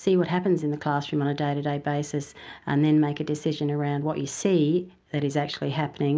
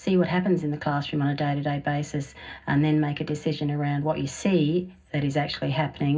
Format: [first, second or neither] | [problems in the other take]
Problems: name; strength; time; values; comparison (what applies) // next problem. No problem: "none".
first | room echo; dies away in 0.4 s